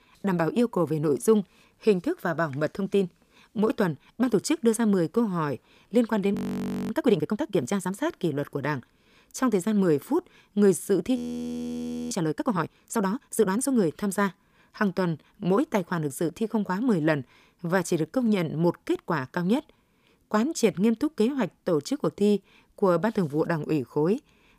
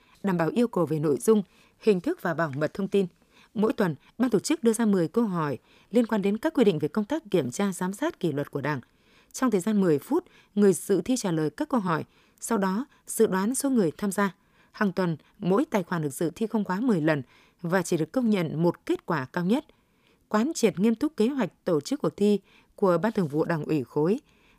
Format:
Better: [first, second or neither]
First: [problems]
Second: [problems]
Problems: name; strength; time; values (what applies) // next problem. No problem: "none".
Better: second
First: audio freezing; at 6.5 s for 0.5 s and at 11 s for 1 s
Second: none